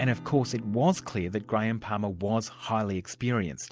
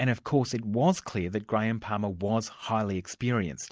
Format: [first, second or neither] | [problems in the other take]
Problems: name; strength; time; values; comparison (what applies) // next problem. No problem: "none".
second | background sound (Acoustic guitar / Strum); 19 dB below the speech